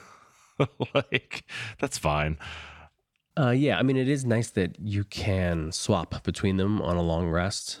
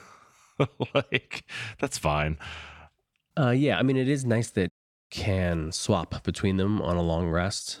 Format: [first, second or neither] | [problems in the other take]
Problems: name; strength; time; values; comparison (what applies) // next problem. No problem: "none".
first | audio cutting out; at 4.5 s